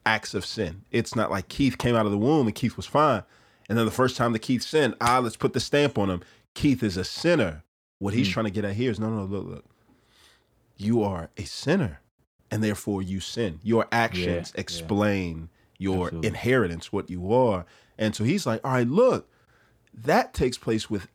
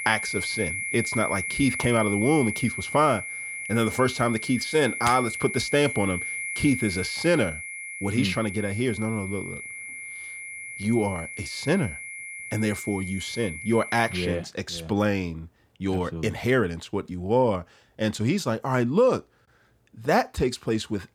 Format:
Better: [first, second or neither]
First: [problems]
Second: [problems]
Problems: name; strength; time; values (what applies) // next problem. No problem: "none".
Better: first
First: none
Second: high-pitched whine; loud; until 14 s; 2 kHz, 6 dB below the speech